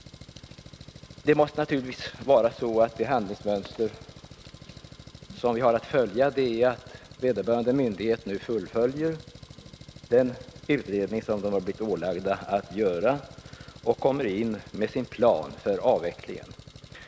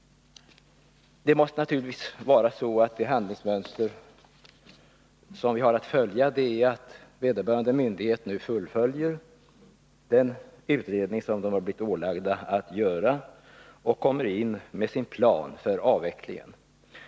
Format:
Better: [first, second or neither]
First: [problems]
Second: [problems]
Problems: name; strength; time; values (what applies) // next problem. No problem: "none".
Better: second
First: background sound (Engine); 19 dB below the speech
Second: none